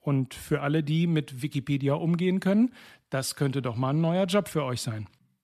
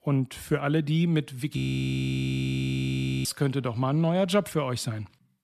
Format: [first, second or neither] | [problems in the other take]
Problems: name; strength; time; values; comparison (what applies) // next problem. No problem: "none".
first | audio freezing; at 1.5 s for 1.5 s